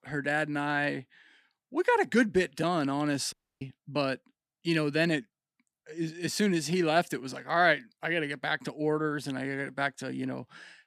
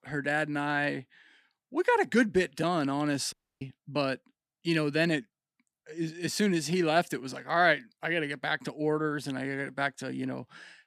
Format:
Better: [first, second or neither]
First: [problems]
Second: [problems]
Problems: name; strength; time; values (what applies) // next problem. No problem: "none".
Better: neither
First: audio cutting out; at 3.5 s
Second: audio cutting out; at 3.5 s